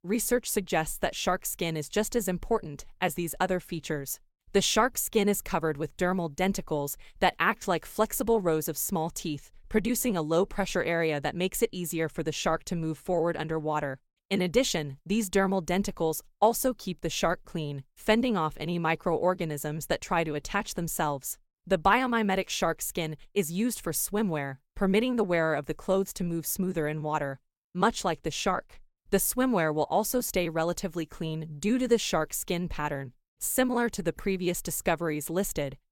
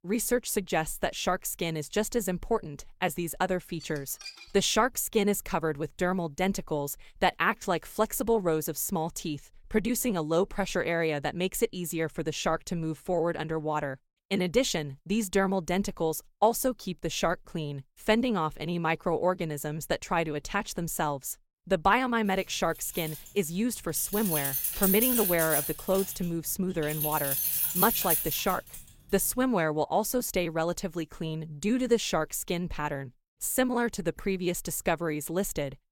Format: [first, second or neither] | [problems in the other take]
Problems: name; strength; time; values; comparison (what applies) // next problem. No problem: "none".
first | clattering dishes; faint; at 4 s; peak 15 dB below the speech // jangling keys; loud; from 23 to 29 s; peak 5 dB above the speech